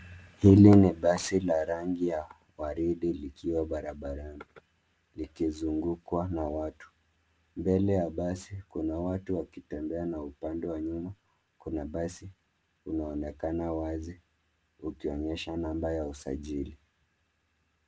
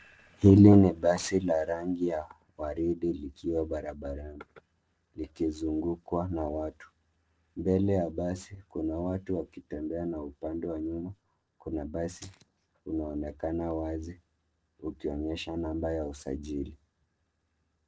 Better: first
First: none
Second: noise reduction (neural separator model SepFormer DNS4)

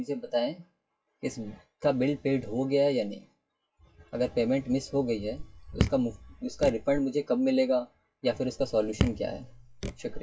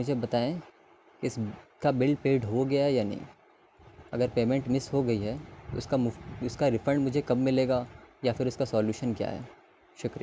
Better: second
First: noise reduction (classical method WPE with log-MMSE)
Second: none

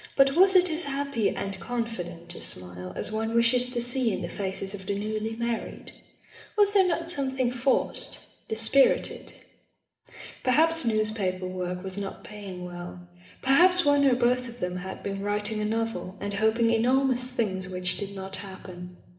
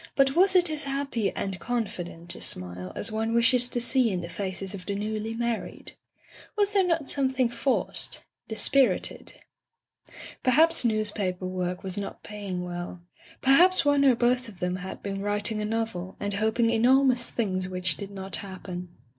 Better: second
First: room echo; dies away in 0.8 s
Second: none

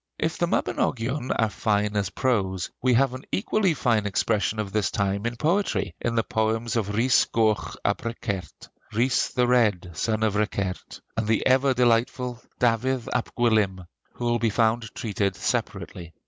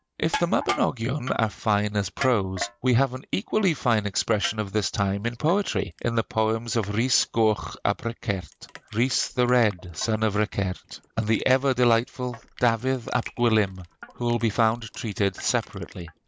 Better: first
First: none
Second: background sound (Crushing); 17 dB below the speech

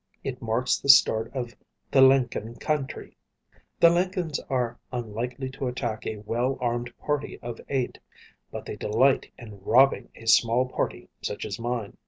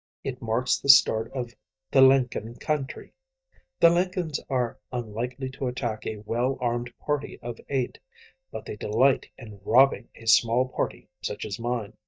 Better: first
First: none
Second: noise reduction (neural mask model DeepFilterNet 3)

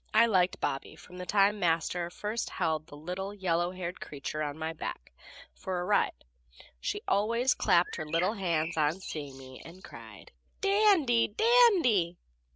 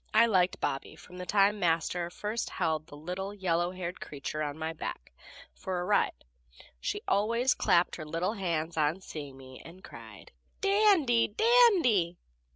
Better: second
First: background sound (Bird); 11 dB below the speech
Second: none

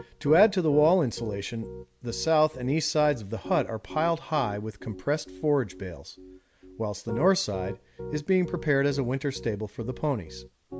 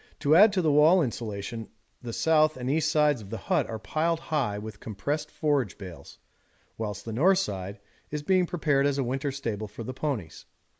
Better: second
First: background sound (Piano); 14 dB below the speech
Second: none

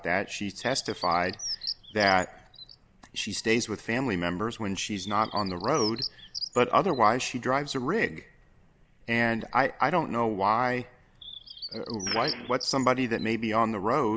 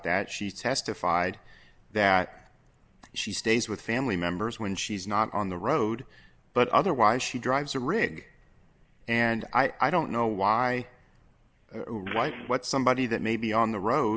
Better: second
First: background sound (Bird); 13 dB below the speech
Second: none

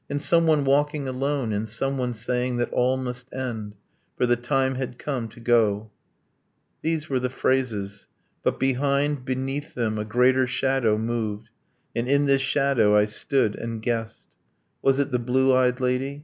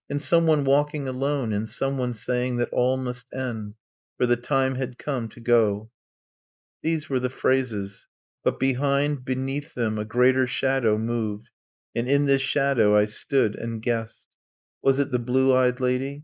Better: first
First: none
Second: noise reduction (neural mask model Resemble Enhance denoiser)

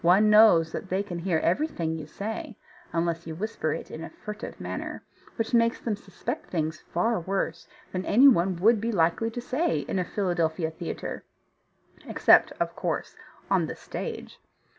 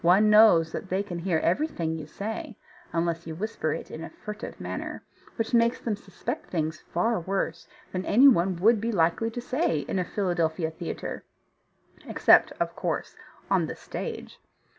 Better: first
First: none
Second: background sound (Cowbell); 18 dB below the speech

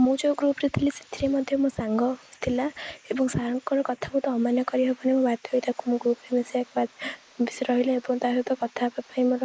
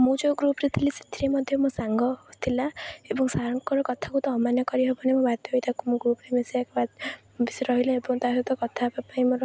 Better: second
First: noise reduction (neural mask model Resemble Enhance denoiser)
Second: none

